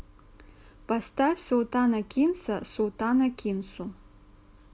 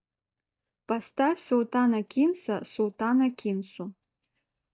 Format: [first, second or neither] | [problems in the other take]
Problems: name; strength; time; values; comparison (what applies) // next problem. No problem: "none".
first | noise reduction (neural mask model DeepFilterNet 3)